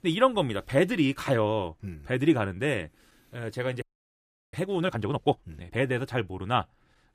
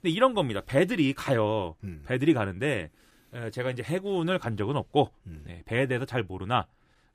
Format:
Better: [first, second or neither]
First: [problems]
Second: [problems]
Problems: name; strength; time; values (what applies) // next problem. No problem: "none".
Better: second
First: audio freezing; at 4 s for 0.5 s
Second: none